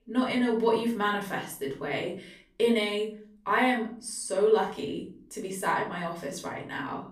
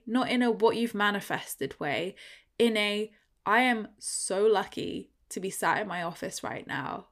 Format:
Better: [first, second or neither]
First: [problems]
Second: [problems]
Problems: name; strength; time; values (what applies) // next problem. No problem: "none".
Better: second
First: off-mic speech; far // room echo; slight; dies away in 0.4 s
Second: none